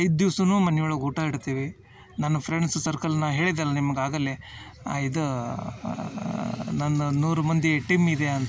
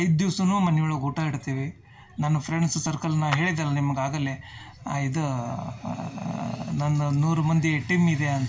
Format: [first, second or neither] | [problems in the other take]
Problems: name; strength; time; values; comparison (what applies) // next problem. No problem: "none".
first | background sound (Clapping); 14 dB below the speech // room echo; dies away in 0.3 s